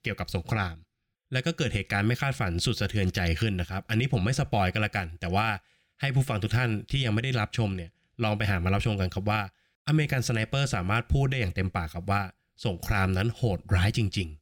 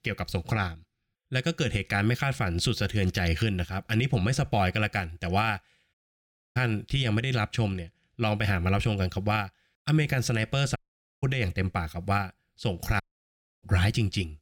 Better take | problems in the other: first | audio cutting out; at 6 s for 0.5 s, at 11 s and at 13 s for 0.5 s

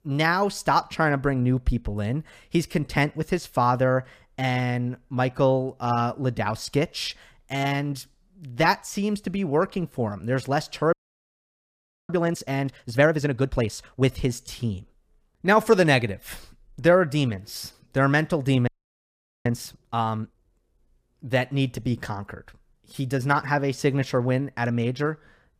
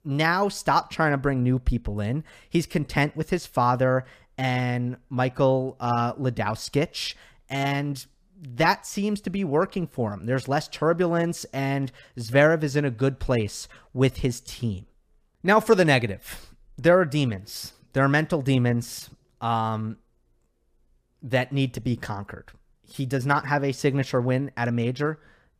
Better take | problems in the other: second | audio freezing; at 11 s for 1 s and at 19 s for 1 s

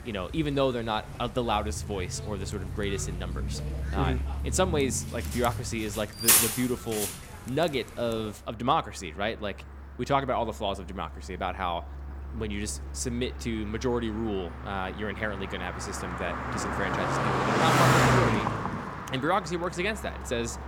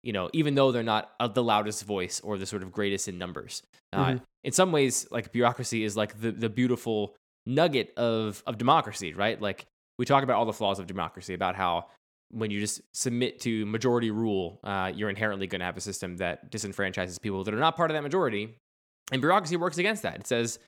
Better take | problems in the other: second | traffic noise; very loud; throughout; 1 dB above the speech

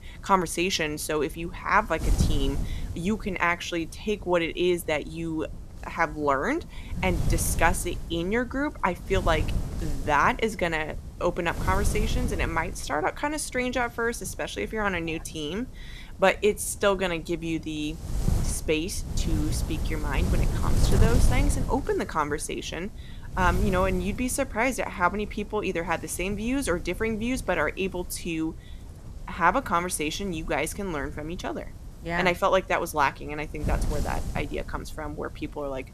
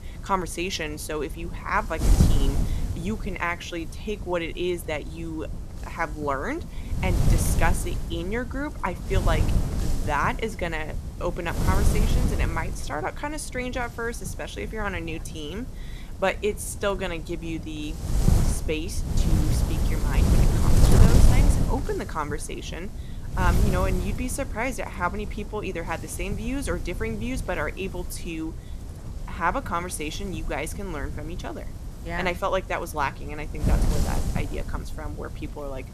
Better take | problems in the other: first | wind noise on the microphone; heavy; 8 dB below the speech; occasional gusts in the first

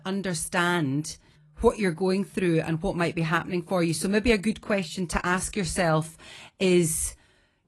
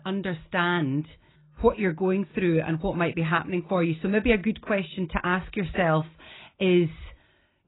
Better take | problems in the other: first | garbled, watery; badly; nothing above 4 kHz; slightly in the first

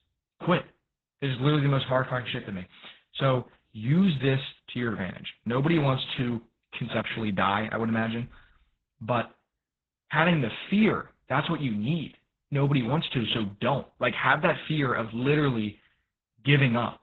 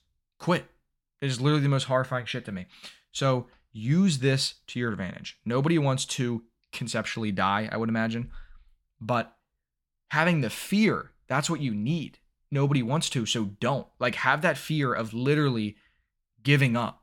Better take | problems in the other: second | garbled, watery; badly; nothing above 4 kHz

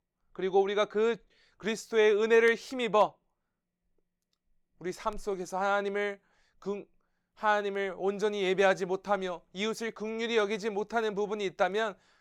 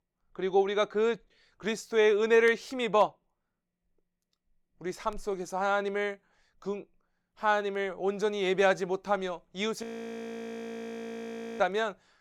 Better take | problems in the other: first | audio freezing; at 10 s for 2 s

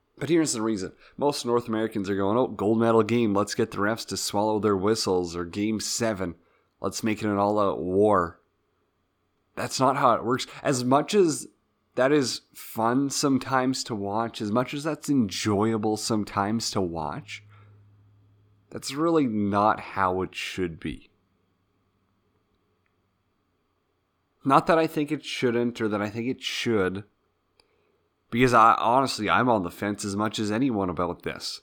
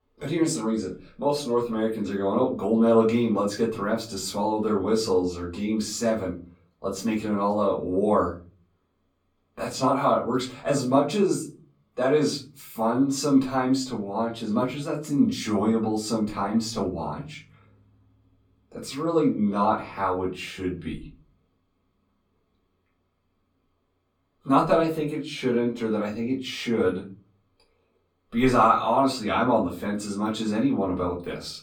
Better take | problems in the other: first | off-mic speech; far // room echo; slight; dies away in 0.3 s

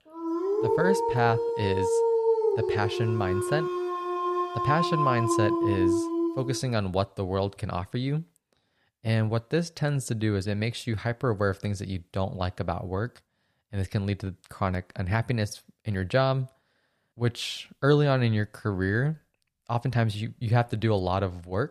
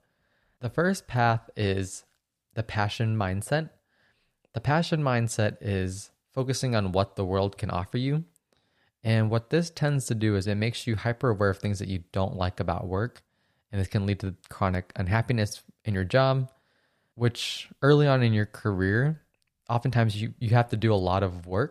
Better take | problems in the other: second | dog barking; loud; until 6.5 s; peak 5 dB above the speech

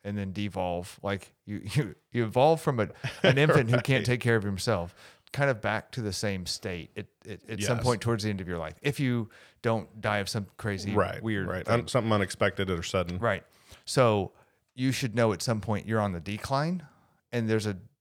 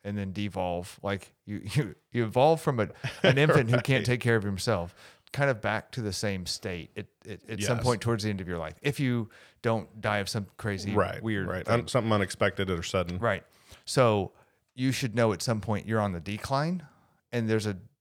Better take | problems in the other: neither | none

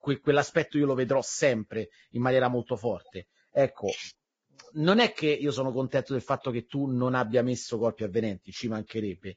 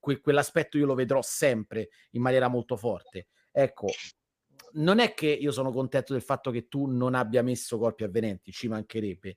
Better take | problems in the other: second | garbled, watery; badly; nothing above 7.5 kHz

